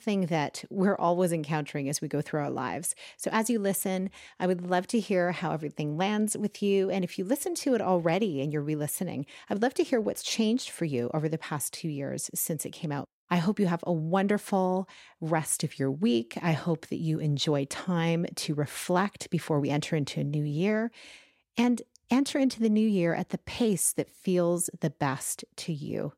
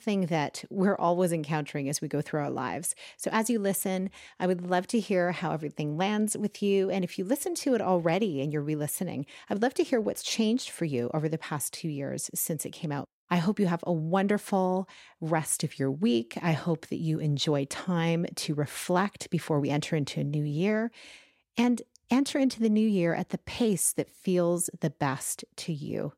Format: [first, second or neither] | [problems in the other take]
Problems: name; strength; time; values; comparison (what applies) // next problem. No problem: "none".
neither | none